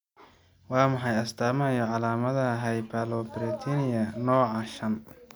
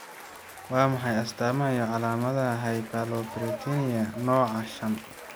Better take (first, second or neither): first